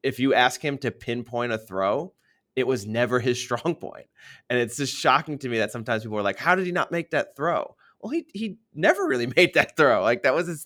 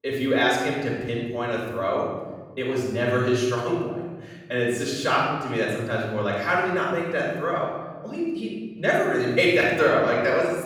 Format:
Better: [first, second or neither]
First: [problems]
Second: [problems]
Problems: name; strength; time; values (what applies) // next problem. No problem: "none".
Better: first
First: none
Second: off-mic speech; far // room echo; noticeable; dies away in 1.4 s